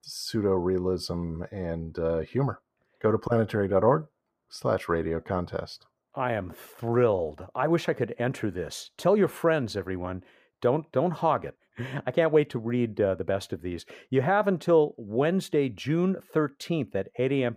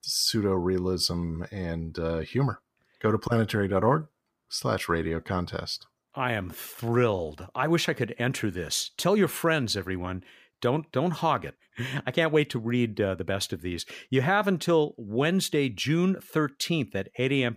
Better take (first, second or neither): second